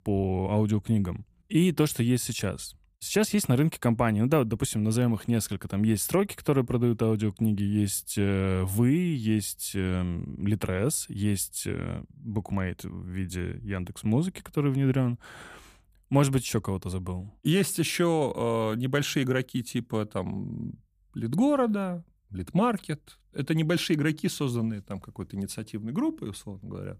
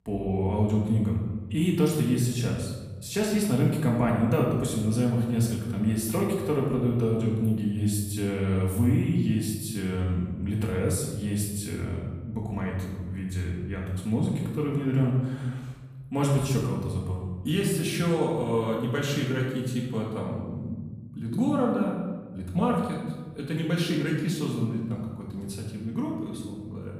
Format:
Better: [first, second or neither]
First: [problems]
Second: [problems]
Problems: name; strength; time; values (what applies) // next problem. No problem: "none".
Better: first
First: none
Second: off-mic speech; far // room echo; noticeable; dies away in 1.3 s